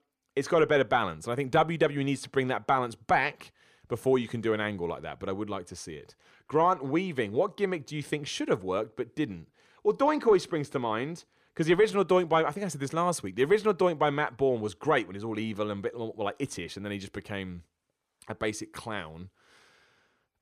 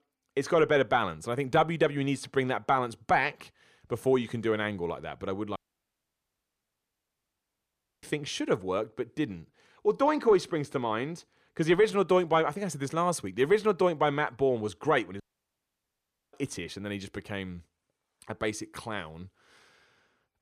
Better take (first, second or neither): first